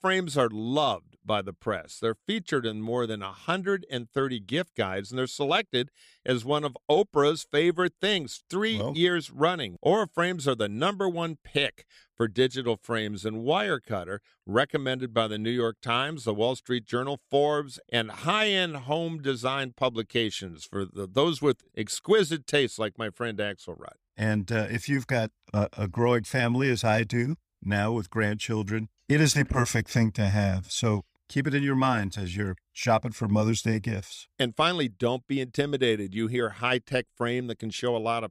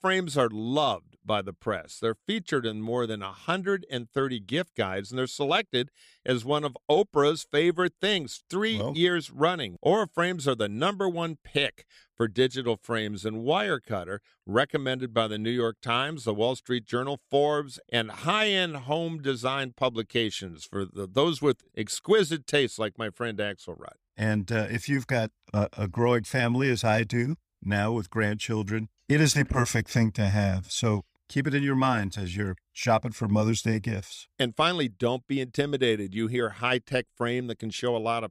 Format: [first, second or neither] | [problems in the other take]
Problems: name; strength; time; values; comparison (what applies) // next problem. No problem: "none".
neither | none